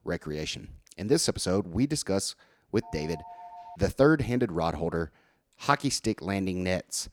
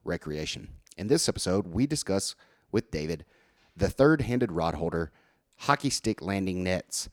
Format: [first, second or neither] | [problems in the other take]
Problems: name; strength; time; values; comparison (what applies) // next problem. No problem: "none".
second | phone ringing; faint; at 3 s; peak 15 dB below the speech